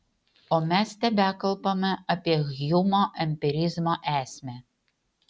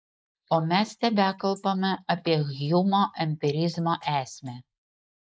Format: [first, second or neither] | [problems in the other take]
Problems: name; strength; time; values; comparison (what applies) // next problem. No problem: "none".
first | noise reduction (neural mask model Resemble Enhance denoiser)